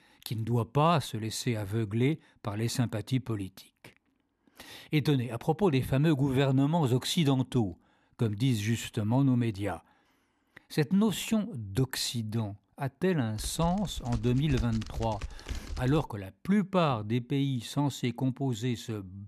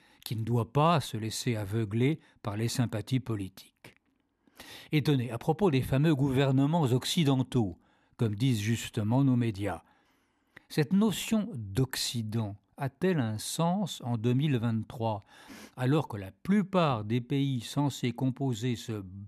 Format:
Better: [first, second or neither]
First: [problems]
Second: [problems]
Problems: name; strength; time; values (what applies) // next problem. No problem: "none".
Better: second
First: keyboard typing; noticeable; from 13 to 16 s; peak 9 dB below the speech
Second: none